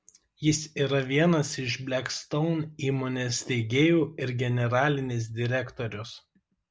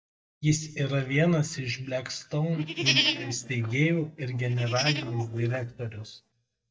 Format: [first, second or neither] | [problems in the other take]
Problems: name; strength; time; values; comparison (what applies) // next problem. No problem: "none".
first | noise reduction (neural mask model DeepFilterNet 3)